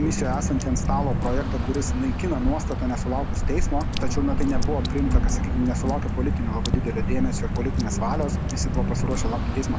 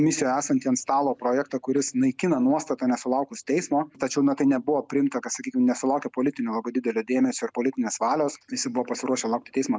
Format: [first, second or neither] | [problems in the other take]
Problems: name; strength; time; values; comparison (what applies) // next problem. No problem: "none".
second | background sound (Drip / Water); 5 dB above the speech